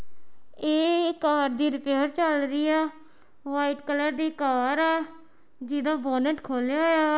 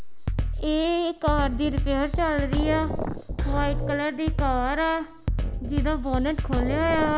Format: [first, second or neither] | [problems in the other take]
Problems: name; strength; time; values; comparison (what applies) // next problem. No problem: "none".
first | background sound (Drum kit); 1 dB below the speech